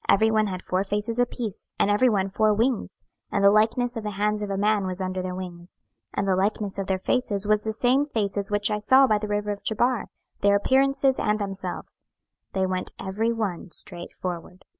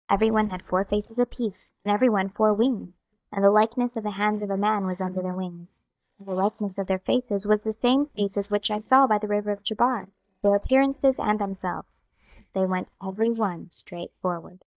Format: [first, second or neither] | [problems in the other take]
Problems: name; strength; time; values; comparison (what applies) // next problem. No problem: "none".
first | noise reduction (neural mask model DeepFilterNet 3)